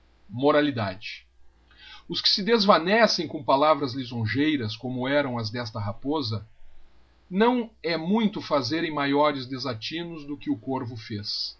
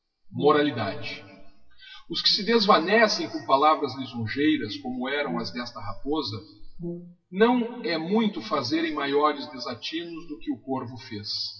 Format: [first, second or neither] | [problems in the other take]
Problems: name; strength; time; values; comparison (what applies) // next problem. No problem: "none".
first | noise reduction (classical method WPE with log-MMSE)